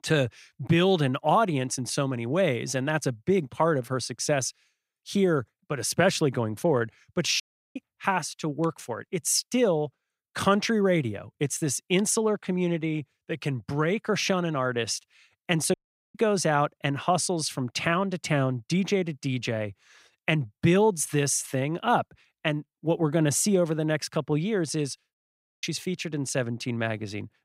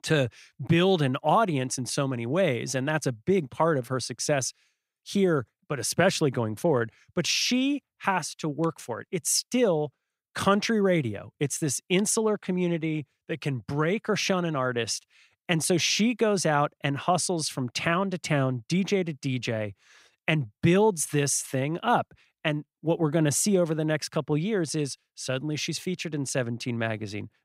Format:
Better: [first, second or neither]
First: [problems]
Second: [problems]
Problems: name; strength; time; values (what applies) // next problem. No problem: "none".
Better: second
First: audio cutting out; at 7.5 s, at 16 s and at 25 s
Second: none